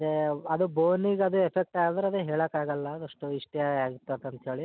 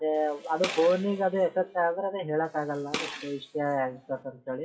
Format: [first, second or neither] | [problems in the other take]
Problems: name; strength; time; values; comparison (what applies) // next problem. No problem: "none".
first | noise reduction (classical method WPE with log-MMSE)